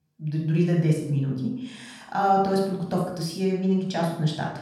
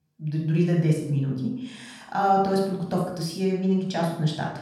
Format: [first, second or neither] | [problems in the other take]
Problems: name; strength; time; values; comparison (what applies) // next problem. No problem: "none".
neither | room echo; noticeable; dies away in 0.6 s; the same in both // off-mic speech; somewhat distant; the same in both